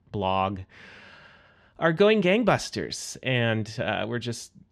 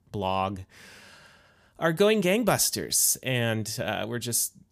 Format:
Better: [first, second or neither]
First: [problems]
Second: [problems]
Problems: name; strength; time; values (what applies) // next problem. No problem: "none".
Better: second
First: muffled; slightly; fading above 3 kHz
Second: none